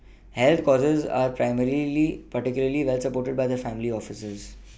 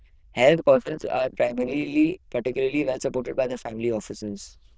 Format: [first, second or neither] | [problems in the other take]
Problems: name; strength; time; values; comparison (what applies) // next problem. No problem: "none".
first | noise reduction (neural diffusion model UNIVERSE++)